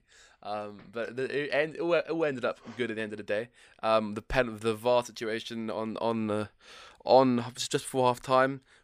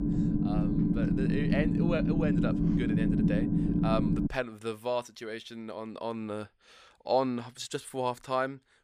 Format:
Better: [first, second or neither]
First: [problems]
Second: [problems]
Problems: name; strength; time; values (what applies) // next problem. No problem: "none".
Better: first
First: none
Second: low rumble; loud; until 4.5 s; as loud as the speech